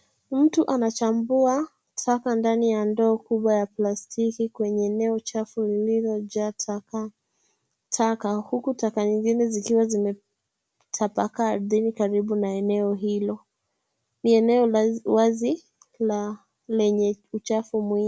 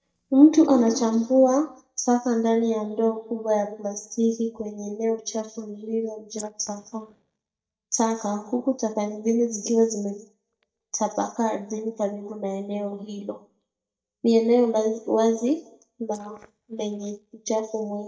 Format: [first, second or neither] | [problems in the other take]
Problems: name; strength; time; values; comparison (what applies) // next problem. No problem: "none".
first | noise reduction (neural mask model DeepFilterNet 3)